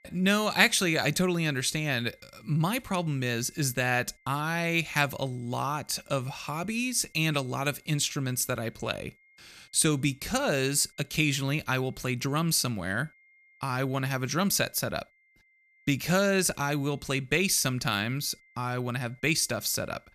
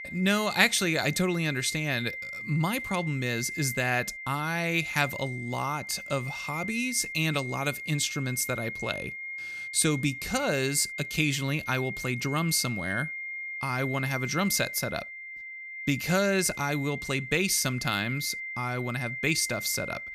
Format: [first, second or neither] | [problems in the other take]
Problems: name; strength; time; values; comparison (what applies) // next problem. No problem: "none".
first | high-pitched whine; loud; throughout; 2 kHz, 8 dB below the speech; faint in the first